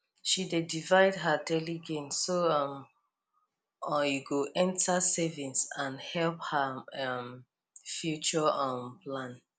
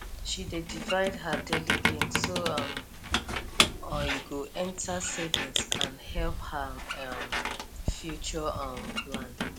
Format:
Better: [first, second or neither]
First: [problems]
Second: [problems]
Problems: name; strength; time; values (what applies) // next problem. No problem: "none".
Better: first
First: none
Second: background sound (Squeak); 4 dB above the speech